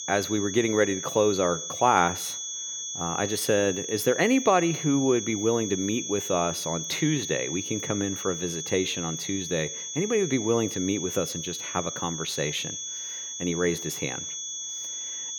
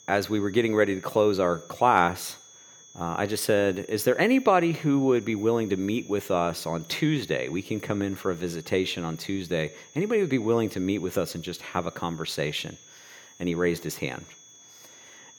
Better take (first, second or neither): second